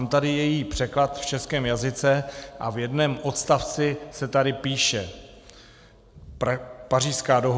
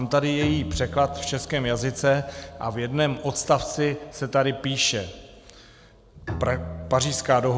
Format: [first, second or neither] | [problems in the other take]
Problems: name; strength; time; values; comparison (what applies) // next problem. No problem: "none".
first | background sound (Bowed string instrument); 14 dB below the speech